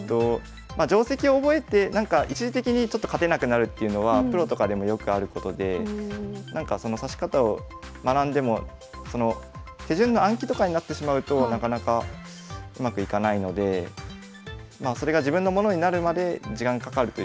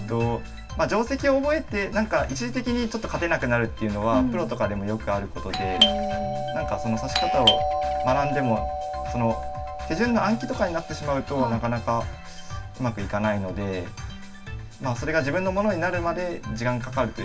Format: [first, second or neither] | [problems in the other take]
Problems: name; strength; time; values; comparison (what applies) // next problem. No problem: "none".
first | background sound (Doorbell); 5 dB below the speech // room echo; dies away in 0.2 s